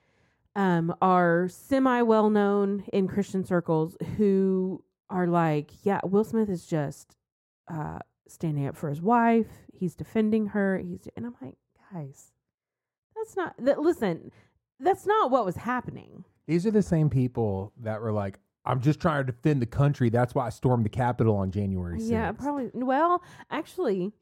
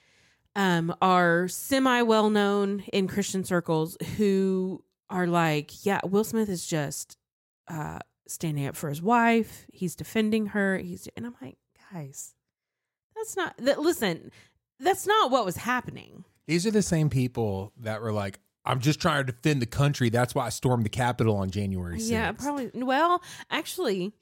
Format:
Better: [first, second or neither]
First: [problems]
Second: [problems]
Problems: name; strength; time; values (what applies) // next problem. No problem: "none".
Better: second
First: muffled; slightly; fading above 2 kHz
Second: none